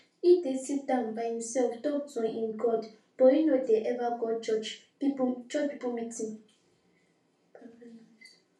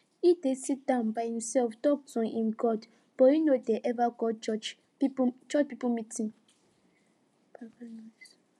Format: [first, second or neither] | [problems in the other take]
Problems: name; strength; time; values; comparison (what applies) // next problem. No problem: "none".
second | room echo; dies away in 0.3 s